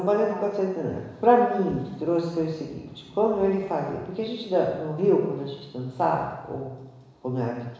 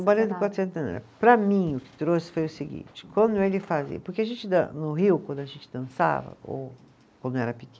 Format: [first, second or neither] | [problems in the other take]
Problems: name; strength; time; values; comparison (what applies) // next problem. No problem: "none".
second | room echo; dies away in 1 s